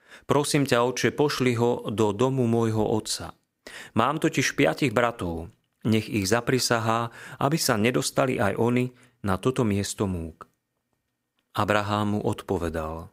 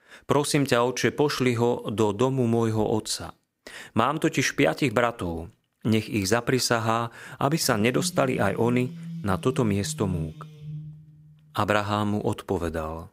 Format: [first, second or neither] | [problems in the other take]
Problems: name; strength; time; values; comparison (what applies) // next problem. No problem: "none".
first | phone ringing; noticeable; from 7.5 to 11 s; peak 9 dB below the speech